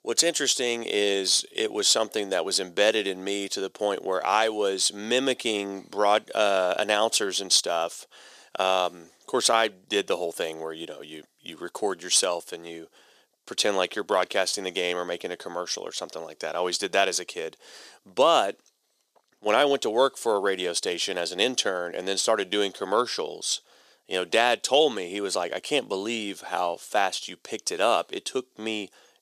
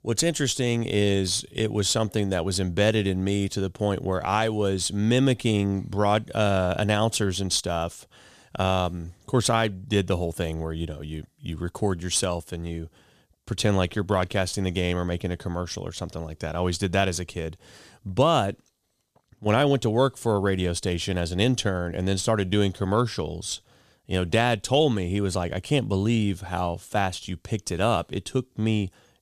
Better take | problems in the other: second | thin; very; fading below 400 Hz

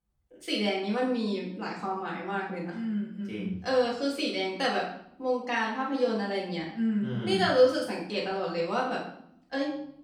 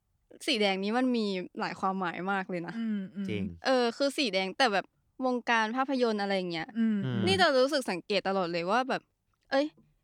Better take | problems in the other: second | off-mic speech; far // room echo; noticeable; dies away in 0.6 s

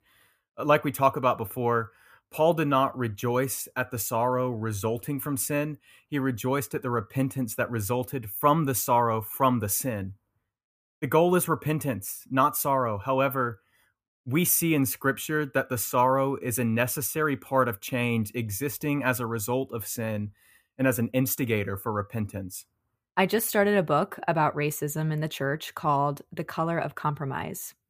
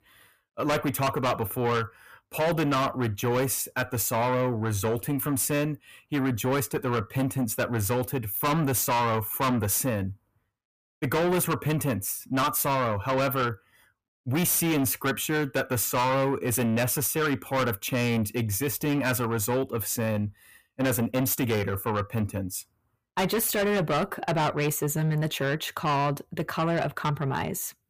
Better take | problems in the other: first | distortion; heavy; 6 dB below the speech

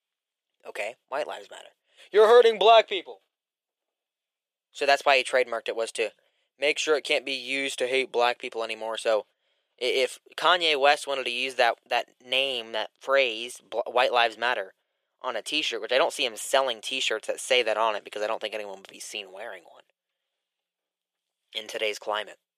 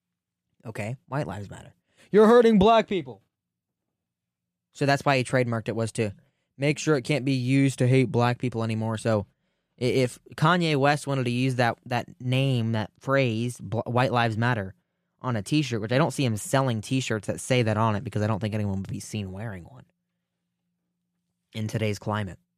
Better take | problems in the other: second | thin; very; fading below 450 Hz

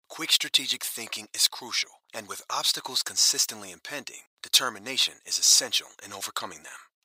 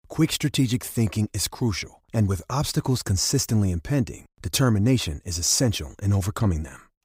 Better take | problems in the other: second | thin; very; fading below 950 Hz

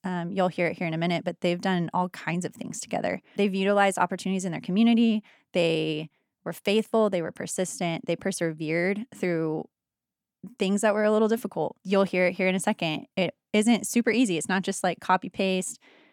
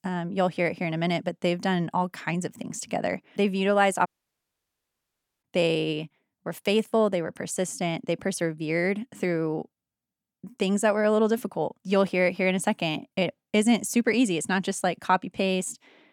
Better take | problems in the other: first | audio cutting out; at 4 s for 1.5 s

